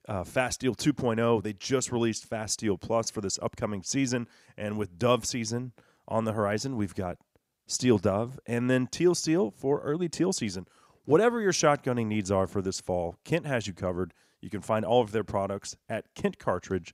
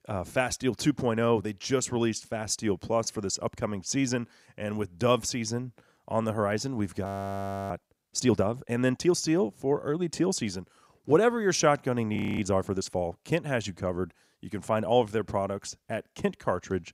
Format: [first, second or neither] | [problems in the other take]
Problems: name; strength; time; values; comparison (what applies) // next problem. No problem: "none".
first | audio freezing; at 7 s for 0.5 s and at 12 s